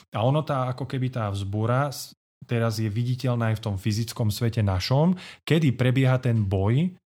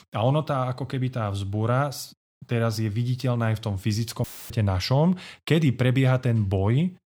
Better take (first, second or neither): first